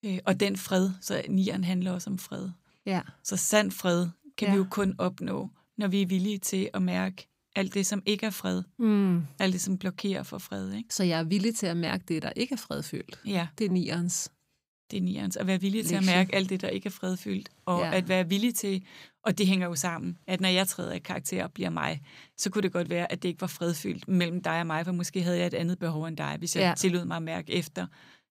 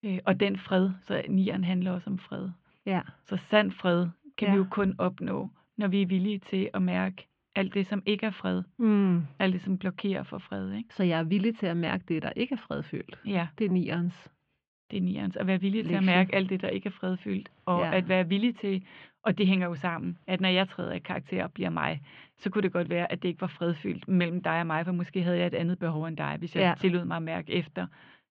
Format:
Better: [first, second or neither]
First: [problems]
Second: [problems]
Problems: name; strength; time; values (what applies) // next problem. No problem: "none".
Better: first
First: none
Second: muffled; very; fading above 3 kHz